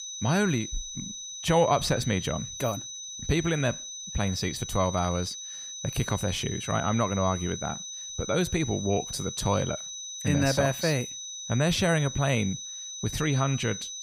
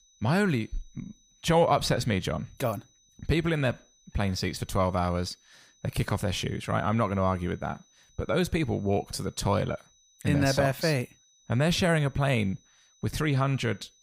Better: second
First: high-pitched whine; loud; throughout; 6 kHz, 8 dB below the speech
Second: high-pitched whine; faint; throughout; 6 kHz, 30 dB below the speech

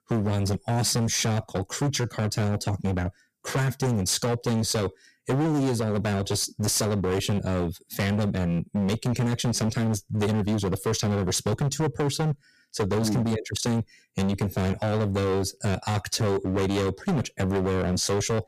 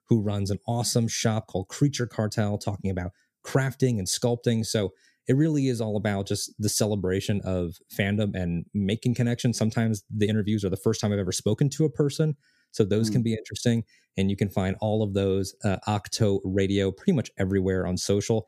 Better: second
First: distortion; heavy; 23% of the sound clipped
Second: none

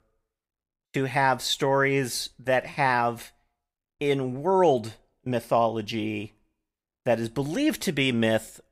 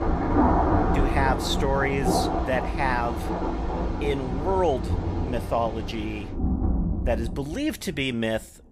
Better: first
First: none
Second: rain or running water; very loud; throughout; 1 dB above the speech

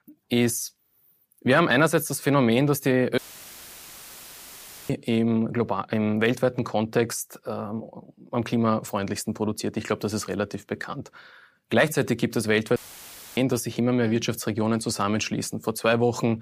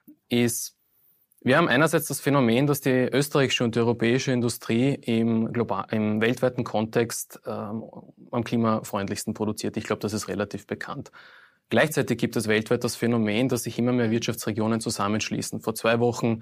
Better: second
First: audio cutting out; filled with static; at 3 s for 1.5 s and at 13 s for 0.5 s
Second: none

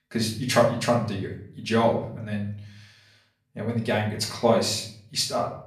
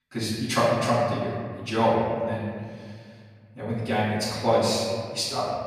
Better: first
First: room echo; slight; dies away in 0.5 s // off-mic speech; far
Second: room echo; strong; dies away in 1.8 s // off-mic speech; far

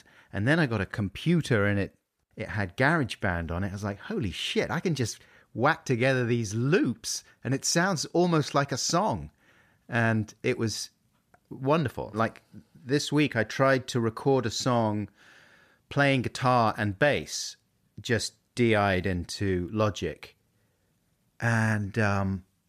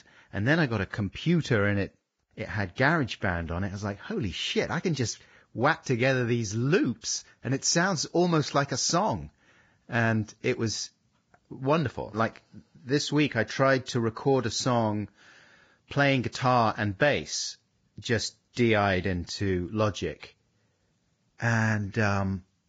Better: first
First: none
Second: garbled, watery; badly; nothing above 7.5 kHz

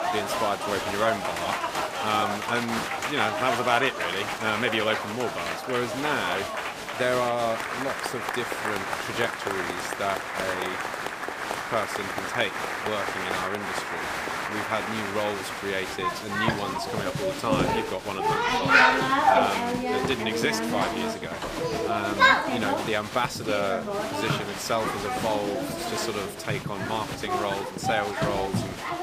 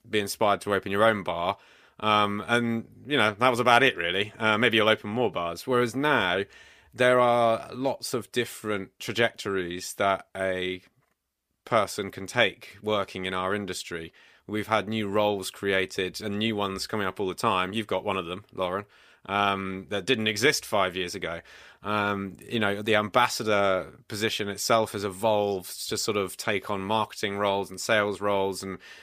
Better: second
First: crowd noise; very loud; throughout; 2 dB above the speech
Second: none

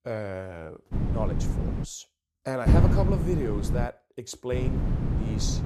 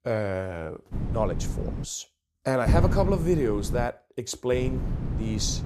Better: second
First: wind noise on the microphone; heavy; at 1 s, from 2.5 to 4 s and from 4.5 s on; 2 dB below the speech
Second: wind noise on the microphone; occasional gusts; at 1 s, from 2.5 to 4 s and from 4.5 s on; 10 dB below the speech

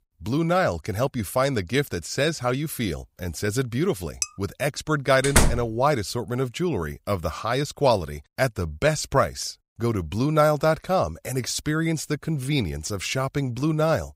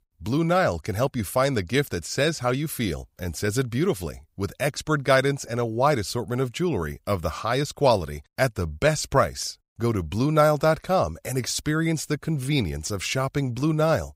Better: second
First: clattering dishes; very faint; at 4 s; peak 5 dB below the speech // door banging; loud; at 5 s; peak 4 dB above the speech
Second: none

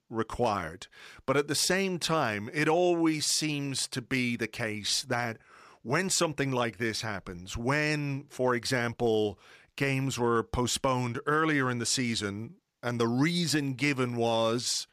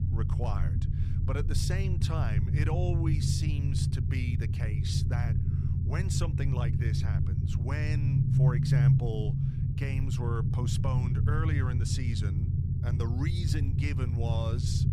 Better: first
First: none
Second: low rumble; loud; throughout; 1 dB below the speech

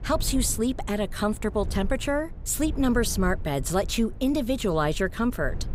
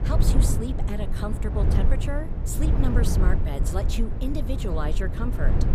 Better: first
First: low rumble; faint; throughout; 20 dB below the speech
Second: low rumble; loud; throughout; 3 dB below the speech

